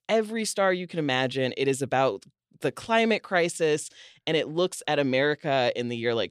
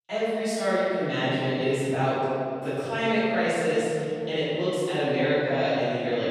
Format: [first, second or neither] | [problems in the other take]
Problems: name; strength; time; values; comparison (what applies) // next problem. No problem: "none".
first | off-mic speech; far // room echo; strong; dies away in 3 s